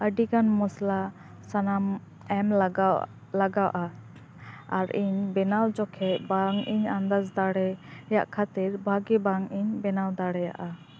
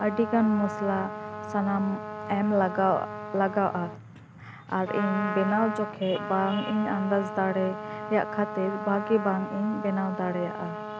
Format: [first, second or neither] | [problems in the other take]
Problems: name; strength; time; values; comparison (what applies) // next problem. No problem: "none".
first | background sound (Trumpet); 8 dB below the speech